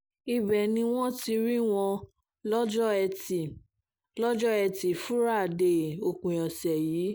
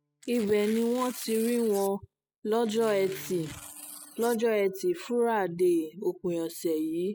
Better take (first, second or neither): first